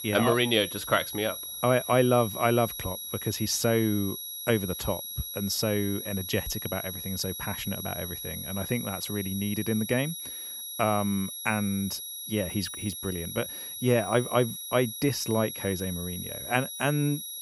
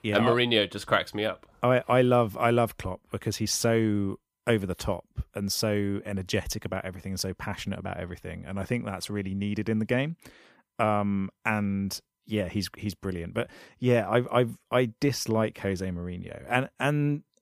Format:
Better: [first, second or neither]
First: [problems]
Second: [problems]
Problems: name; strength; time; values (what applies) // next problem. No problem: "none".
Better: second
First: high-pitched whine; loud; throughout; 11.5 kHz, 6 dB below the speech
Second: none